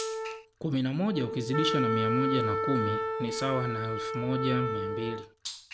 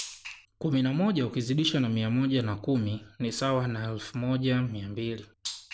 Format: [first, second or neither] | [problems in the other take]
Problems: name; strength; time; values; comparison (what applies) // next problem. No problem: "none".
second | background sound (Wind instrument, woodwind instrument); 1 dB below the speech